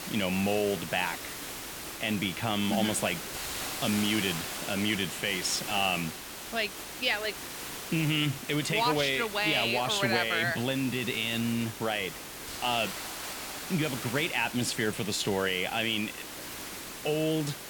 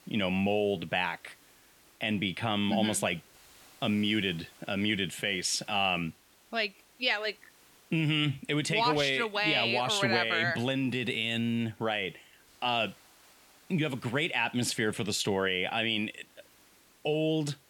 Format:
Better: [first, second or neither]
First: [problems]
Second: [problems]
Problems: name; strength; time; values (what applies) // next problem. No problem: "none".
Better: second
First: hiss; loud; throughout; 8 dB below the speech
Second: hiss; faint; throughout; 30 dB below the speech